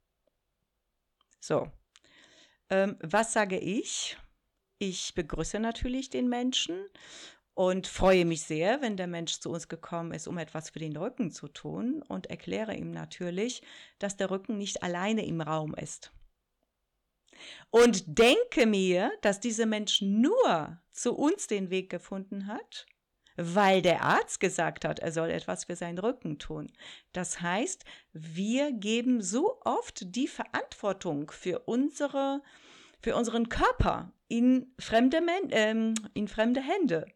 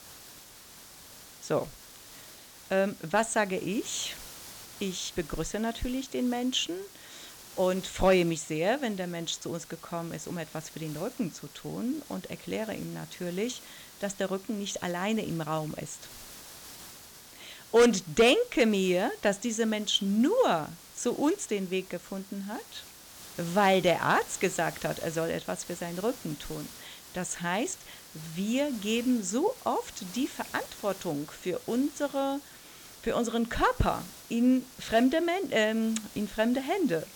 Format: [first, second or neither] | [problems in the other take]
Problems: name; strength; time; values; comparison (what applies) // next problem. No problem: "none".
first | hiss; noticeable; throughout; 15 dB below the speech